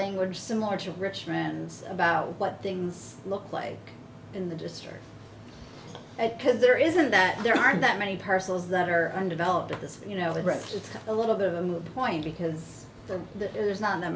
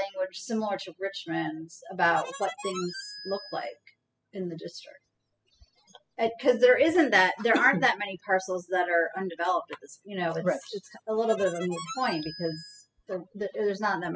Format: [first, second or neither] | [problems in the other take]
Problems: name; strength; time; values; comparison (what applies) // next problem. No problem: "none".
first | noise reduction (classical method spectral subtraction)